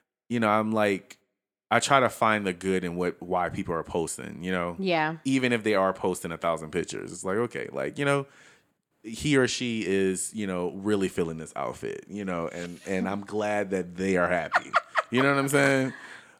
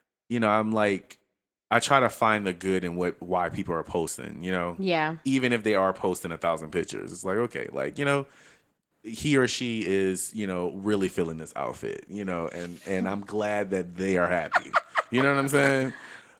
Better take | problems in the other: first | garbled, watery; slightly; nothing above 17.5 kHz

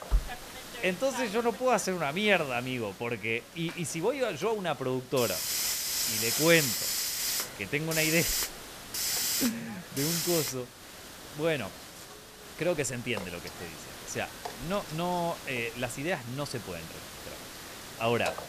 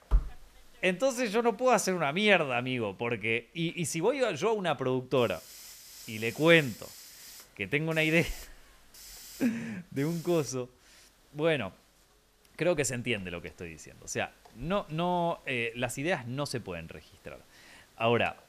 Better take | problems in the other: second | hiss; loud; throughout; 2 dB below the speech; faint in the second

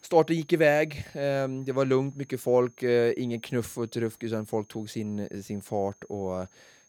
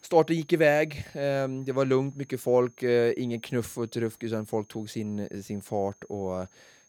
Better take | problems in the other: neither | high-pitched whine; faint; throughout; 6.5 kHz, 30 dB below the speech; the same in both

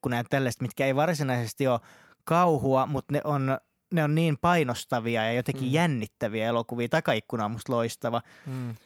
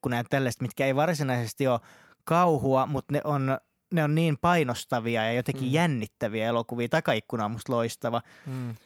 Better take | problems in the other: neither | none

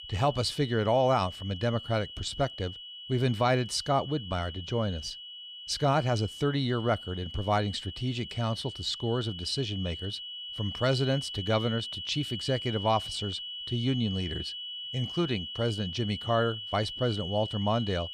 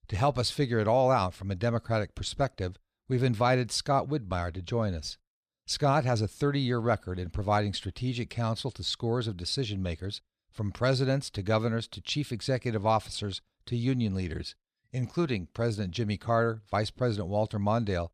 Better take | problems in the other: second | high-pitched whine; loud; throughout; 3 kHz, 8 dB below the speech

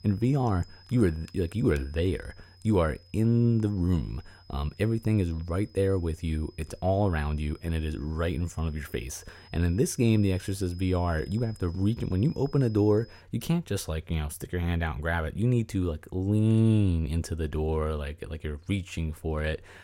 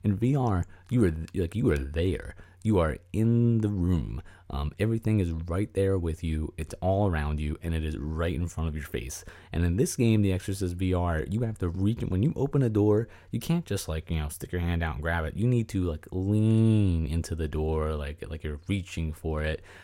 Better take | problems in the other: second | high-pitched whine; faint; until 13 s; 5 kHz, 25 dB below the speech

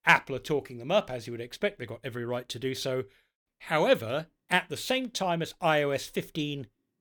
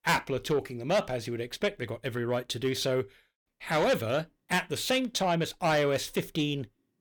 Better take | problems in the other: first | distortion; heavy; 7 dB below the speech

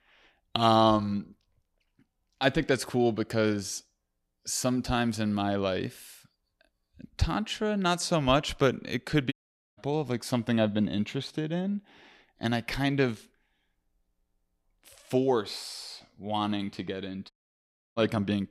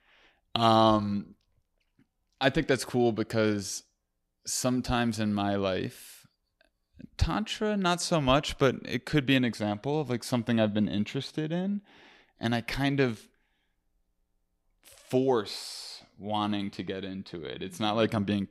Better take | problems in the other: second | audio cutting out; at 9.5 s and at 17 s for 0.5 s

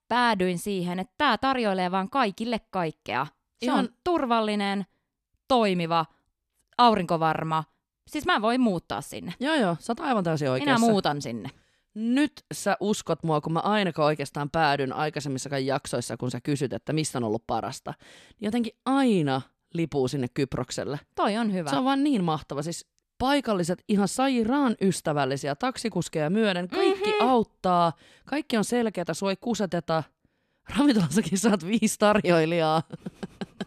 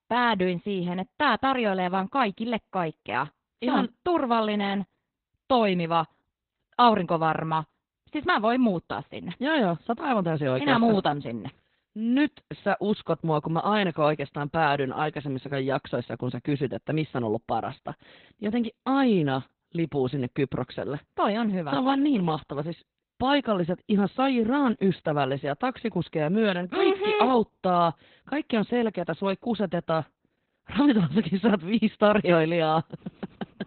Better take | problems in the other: first | garbled, watery; badly; nothing above 4 kHz

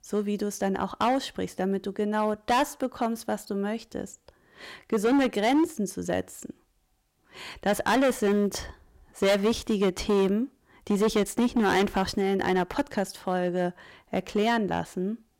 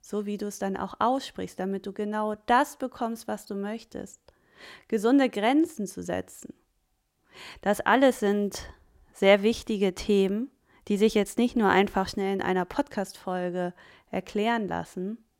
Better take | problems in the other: second | distortion; heavy; 7% of the sound clipped

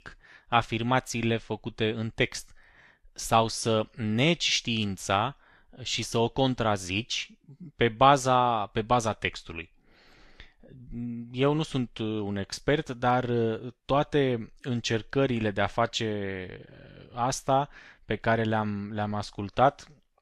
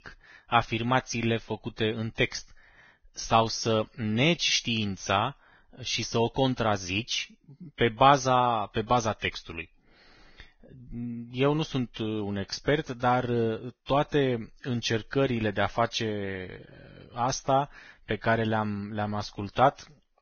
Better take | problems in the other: first | garbled, watery; badly; nothing above 6.5 kHz; slightly in the first

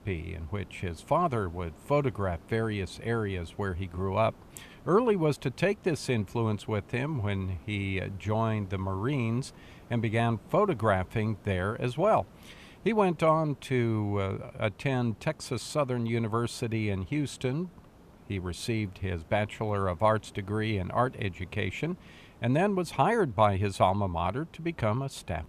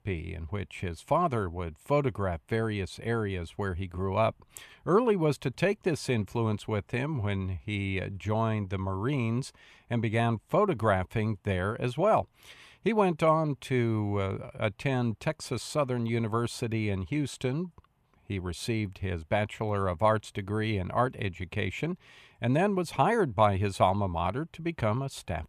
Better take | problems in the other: second | hiss; faint; throughout; 25 dB below the speech

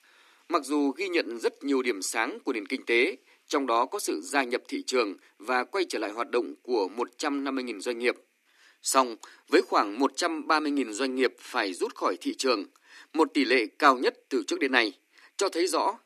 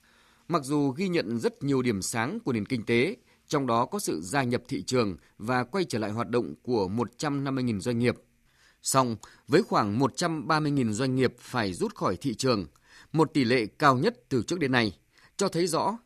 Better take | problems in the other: second | thin; very slightly; fading below 250 Hz

